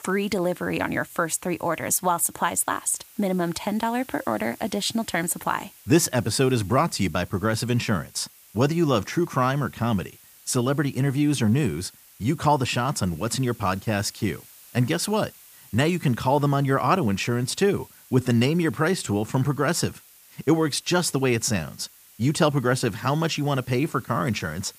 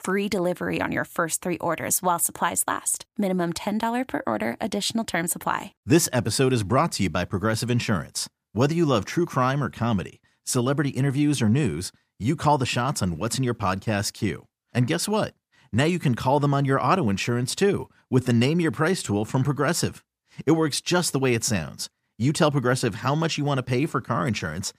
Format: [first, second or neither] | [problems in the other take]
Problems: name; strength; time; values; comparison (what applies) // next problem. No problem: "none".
second | hiss; faint; throughout; 25 dB below the speech